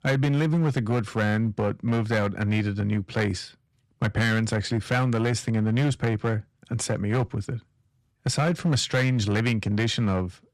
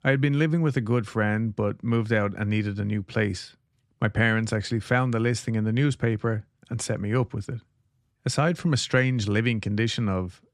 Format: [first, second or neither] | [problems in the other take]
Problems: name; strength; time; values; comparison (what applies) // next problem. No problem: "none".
second | distortion; slight; 9% of the sound clipped